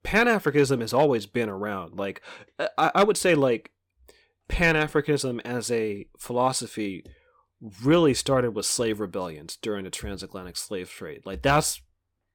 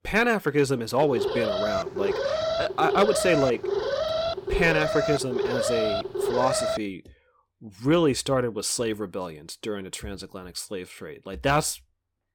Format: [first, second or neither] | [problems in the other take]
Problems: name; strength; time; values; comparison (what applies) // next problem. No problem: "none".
first | alarm; noticeable; from 1 to 7 s; peak level with the speech